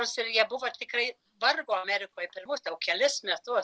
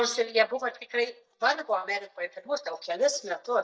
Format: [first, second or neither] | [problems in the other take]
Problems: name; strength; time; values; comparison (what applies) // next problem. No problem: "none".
first | noise reduction (neural mask model DeepFilterNet 3)